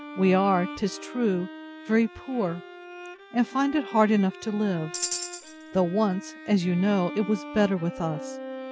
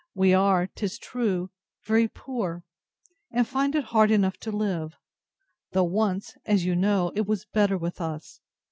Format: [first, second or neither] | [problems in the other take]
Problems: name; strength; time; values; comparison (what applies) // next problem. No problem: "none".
second | background sound (Tambourine + Bowed string instrument); 12 dB below the speech